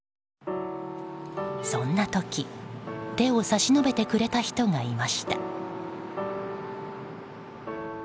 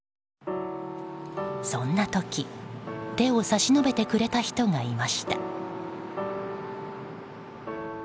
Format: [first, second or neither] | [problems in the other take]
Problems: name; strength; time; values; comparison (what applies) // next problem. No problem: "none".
second | background sound (Bowed string instrument); 12 dB below the speech